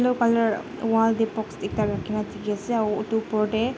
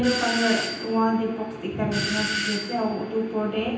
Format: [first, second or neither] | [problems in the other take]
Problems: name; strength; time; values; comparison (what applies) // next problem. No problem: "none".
first | background sound (Doorbell); 6 dB below the speech // room echo; dies away in 0.9 s